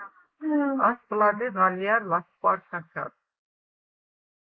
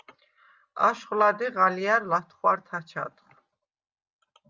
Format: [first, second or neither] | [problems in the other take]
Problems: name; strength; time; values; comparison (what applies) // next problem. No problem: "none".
second | noise reduction (neural mask model Resemble Enhance denoiser)